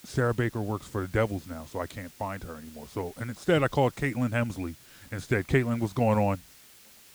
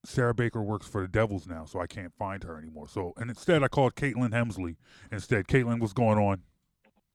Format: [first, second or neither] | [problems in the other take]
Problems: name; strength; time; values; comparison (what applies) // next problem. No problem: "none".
second | hiss; faint; throughout; 20 dB below the speech